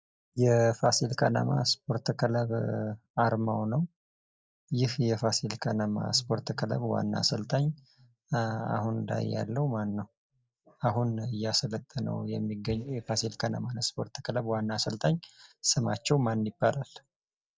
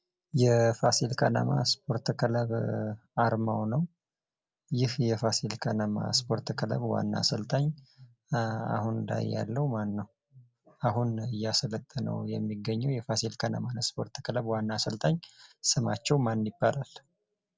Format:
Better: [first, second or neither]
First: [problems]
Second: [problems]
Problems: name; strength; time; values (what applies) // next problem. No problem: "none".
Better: second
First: noise reduction (neural mask model DeepFilterNet 3)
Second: none